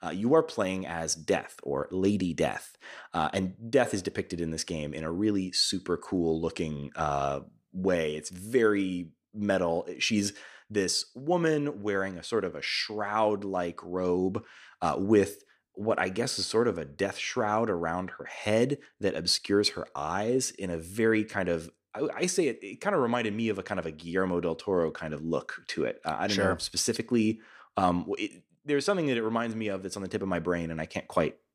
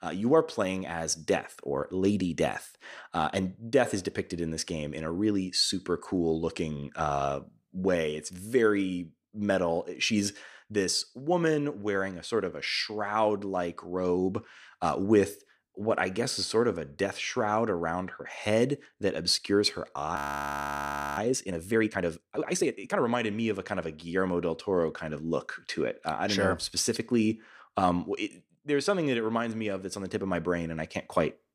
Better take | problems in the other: first | audio freezing; at 20 s for 1 s

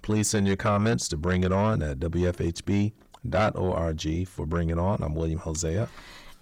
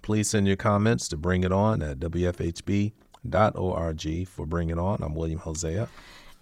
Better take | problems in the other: second | distortion; slight; 10 dB below the speech

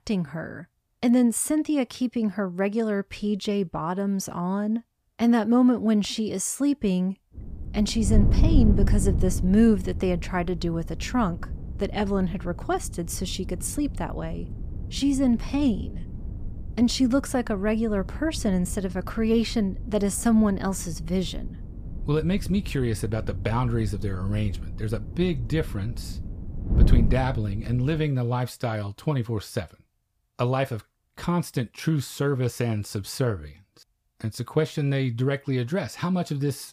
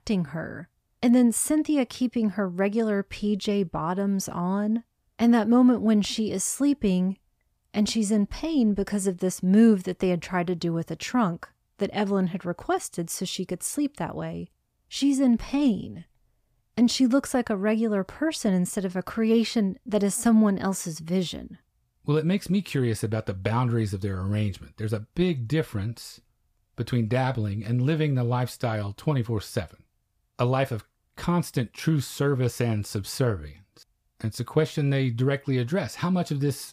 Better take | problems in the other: second | wind noise on the microphone; occasional gusts; from 7.5 to 28 s; 15 dB below the speech

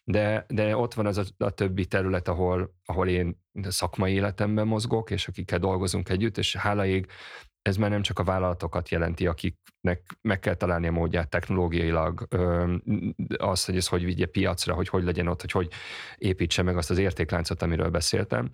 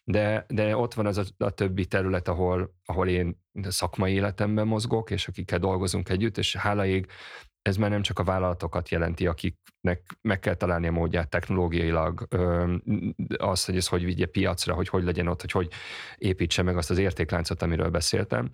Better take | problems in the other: neither | none

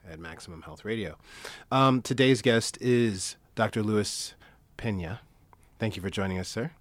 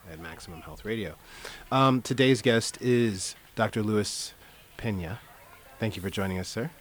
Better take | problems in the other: first | hiss; faint; throughout; 25 dB below the speech

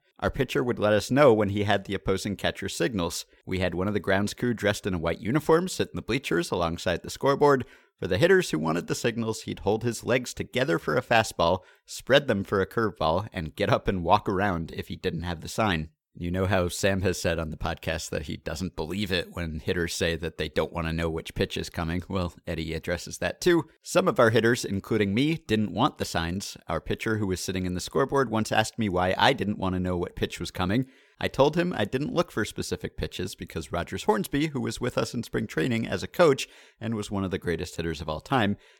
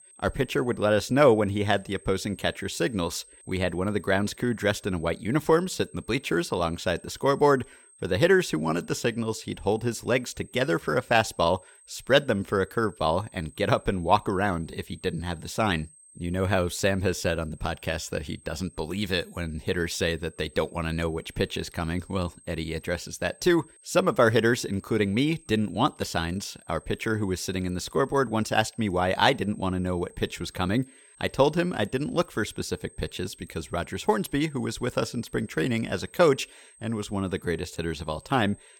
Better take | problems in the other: first | high-pitched whine; faint; throughout; 8.5 kHz, 25 dB below the speech

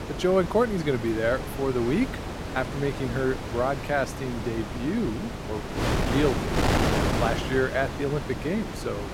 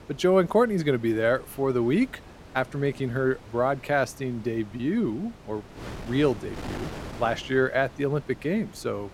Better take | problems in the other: second | wind noise on the microphone; heavy; 4 dB below the speech; occasional gusts in the second

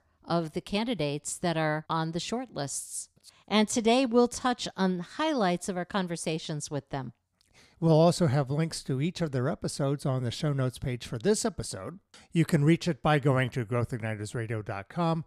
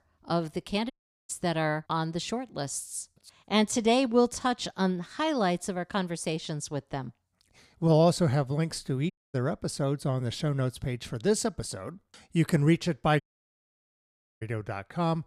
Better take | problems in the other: first | audio cutting out; at 1 s, at 9 s and at 13 s for 1 s

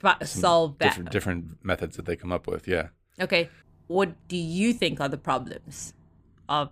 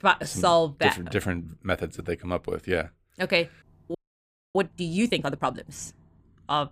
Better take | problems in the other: first | audio freezing; at 4 s for 0.5 s

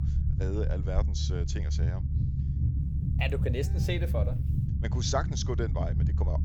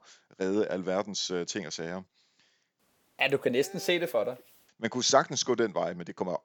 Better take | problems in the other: second | low rumble; loud; throughout; 7 dB below the speech

